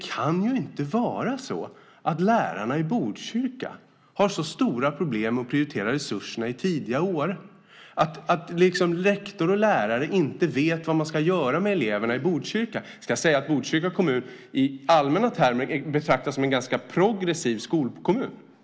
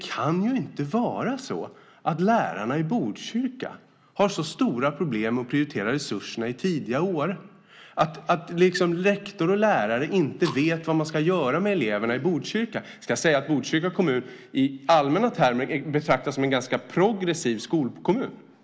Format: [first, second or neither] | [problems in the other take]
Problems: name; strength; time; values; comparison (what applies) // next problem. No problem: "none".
first | background sound (Fire); 19 dB below the speech